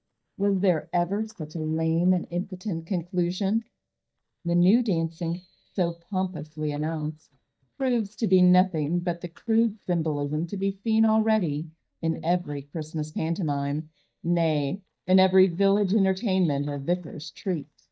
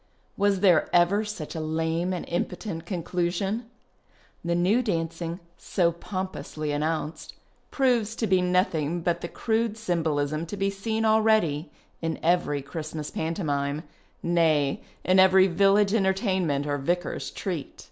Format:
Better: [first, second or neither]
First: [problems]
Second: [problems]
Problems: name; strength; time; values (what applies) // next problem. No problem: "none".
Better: second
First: noise reduction (neural mask model DeepFilterNet 3)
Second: none